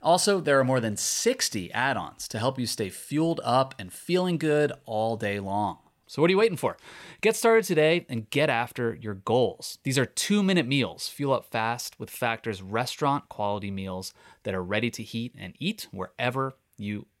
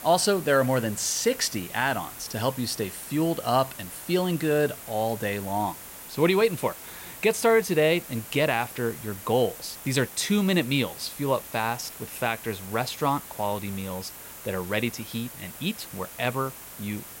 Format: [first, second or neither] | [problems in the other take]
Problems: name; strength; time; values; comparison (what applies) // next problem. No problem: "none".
first | hiss; noticeable; throughout; 15 dB below the speech